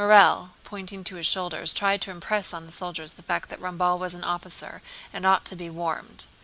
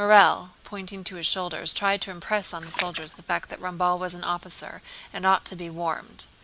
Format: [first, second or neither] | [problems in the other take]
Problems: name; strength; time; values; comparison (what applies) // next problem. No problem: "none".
first | background sound (Splash, splatter); 8 dB below the speech